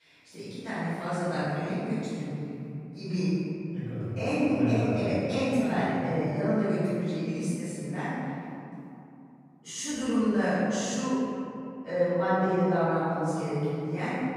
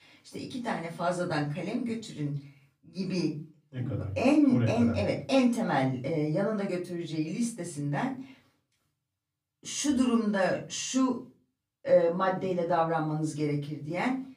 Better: second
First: room echo; strong; dies away in 2.7 s // off-mic speech; far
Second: room echo; slight; dies away in 0.3 s // off-mic speech; far

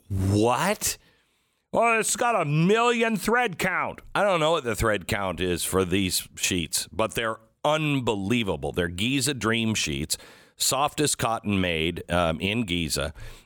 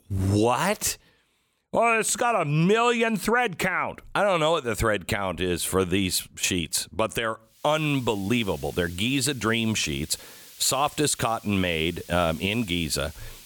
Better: first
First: none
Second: hiss; faint; from 7.5 s on; 20 dB below the speech

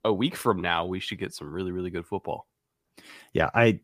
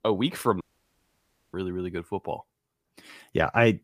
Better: first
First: none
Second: audio cutting out; at 0.5 s for 1 s

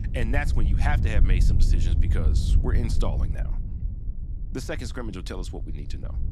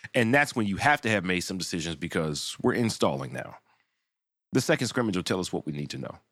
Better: second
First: wind noise on the microphone; heavy; 8 dB below the speech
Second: none

